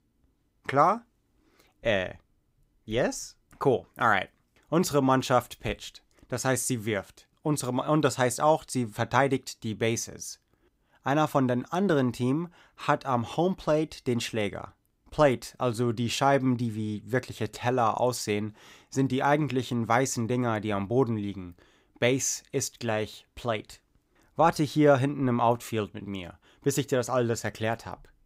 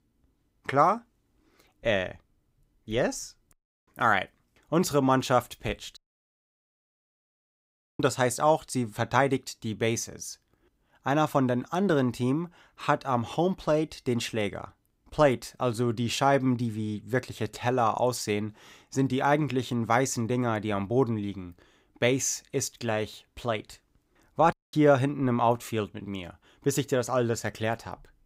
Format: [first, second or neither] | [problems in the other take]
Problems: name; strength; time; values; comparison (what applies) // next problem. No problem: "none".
first | audio cutting out; at 3.5 s, at 6 s for 2 s and at 25 s